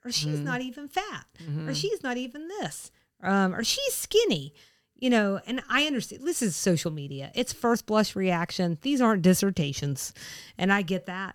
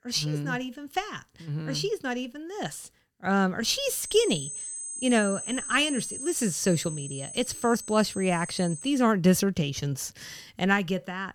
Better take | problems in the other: first | high-pitched whine; loud; from 4 to 9 s; 8 kHz, 8 dB below the speech

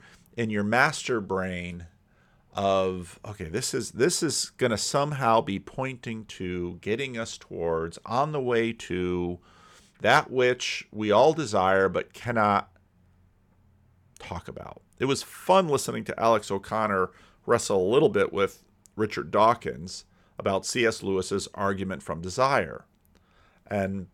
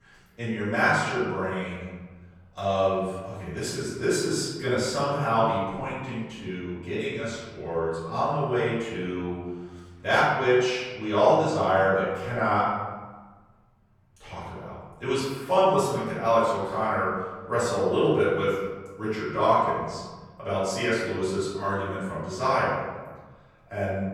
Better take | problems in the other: first | off-mic speech; far // room echo; noticeable; dies away in 1.2 s

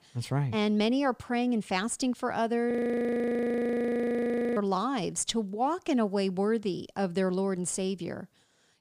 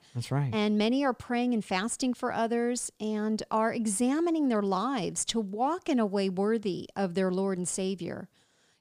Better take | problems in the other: second | audio freezing; at 2.5 s for 2 s

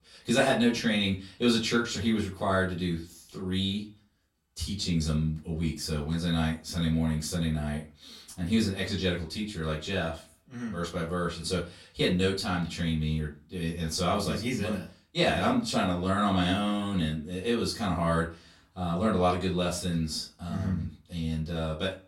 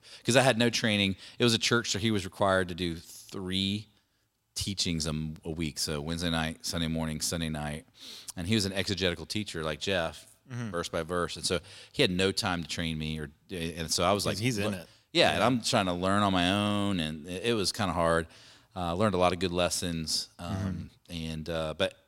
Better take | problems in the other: second | off-mic speech; far // room echo; slight; dies away in 0.3 s

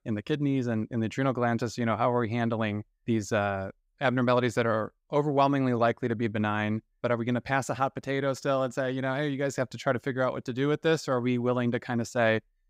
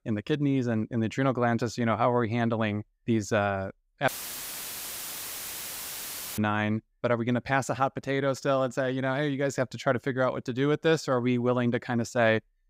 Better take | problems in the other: first | audio cutting out; filled with static; at 4 s for 2.5 s

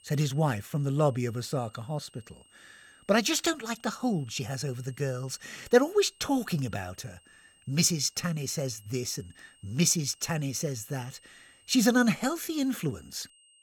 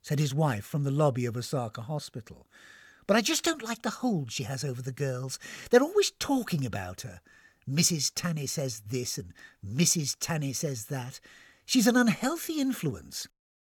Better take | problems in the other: second | high-pitched whine; faint; throughout; 3 kHz, 30 dB below the speech

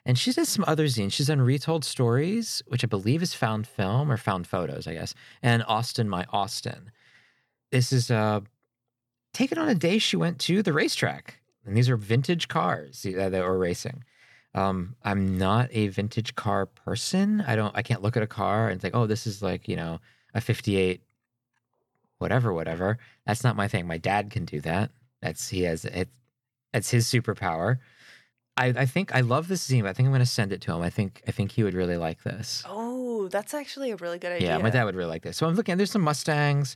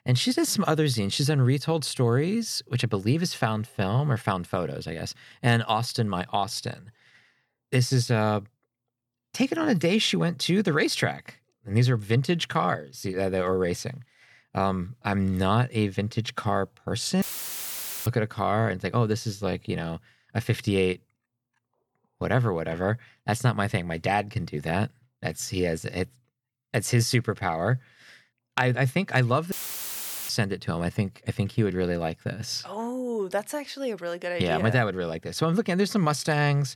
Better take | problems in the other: first | audio cutting out; filled with static; at 17 s for 1 s and at 30 s for 1 s

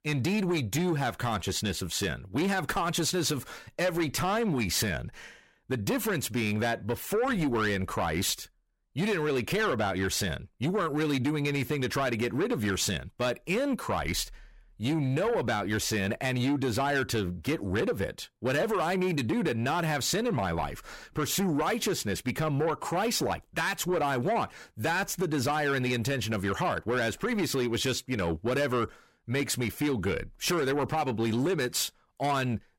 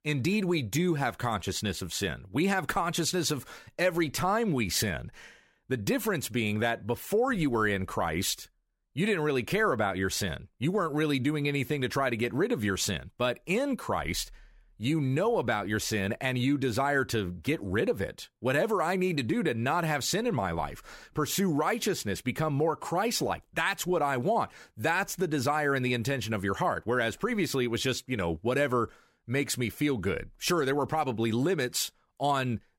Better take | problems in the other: second | distortion; slight; 10 dB below the speech

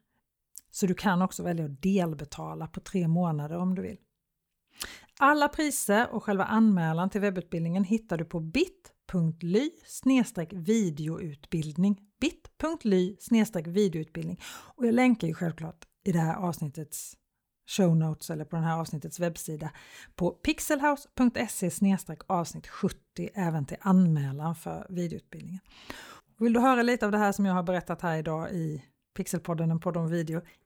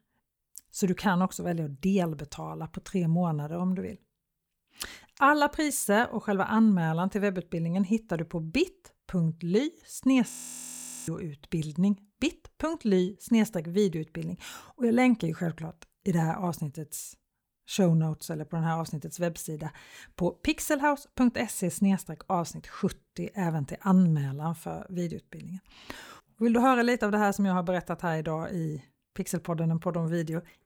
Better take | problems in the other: first | audio freezing; at 10 s for 1 s

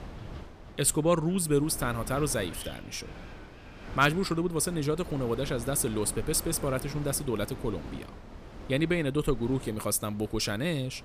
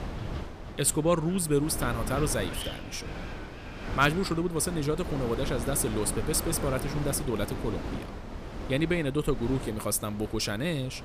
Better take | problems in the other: first | wind noise on the microphone; heavy; 10 dB below the speech; occasional gusts in the first

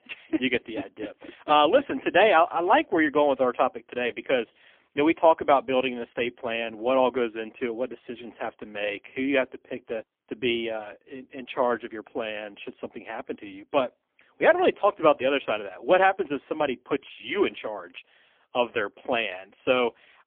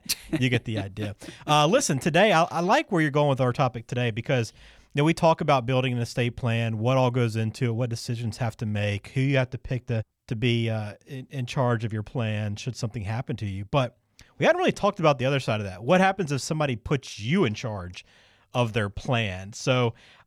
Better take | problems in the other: second | phone-call audio; poor line; nothing above 3.5 kHz

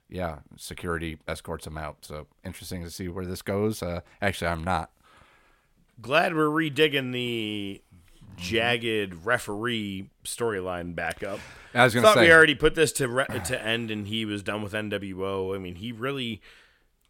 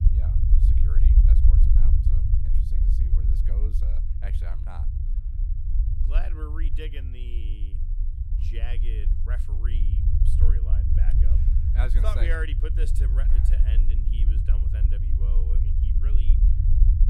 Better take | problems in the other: first | low rumble; loud; throughout; 2 dB below the speech

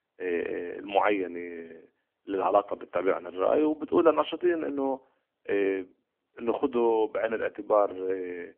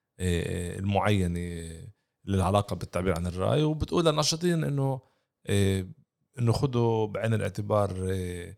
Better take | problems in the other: second | phone-call audio; nothing above 3 kHz

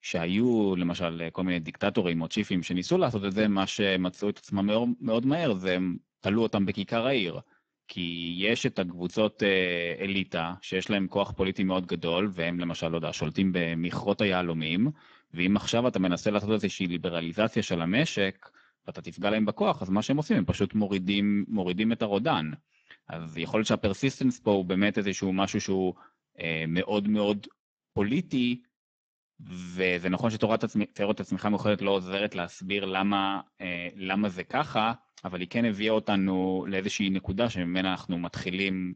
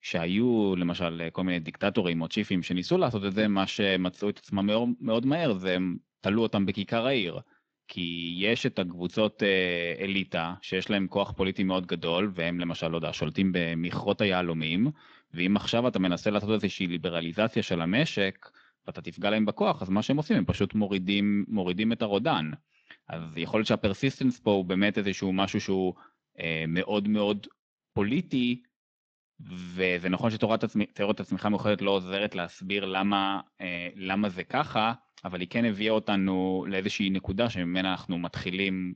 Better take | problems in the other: second | garbled, watery; badly; slightly in the second

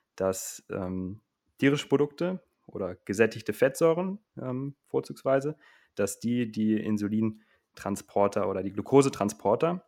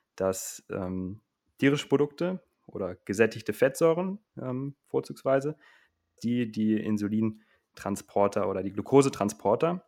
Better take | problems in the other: first | audio freezing; at 6 s

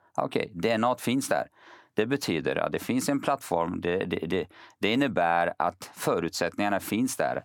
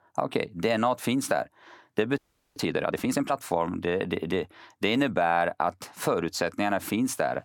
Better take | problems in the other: first | audio freezing; at 2 s

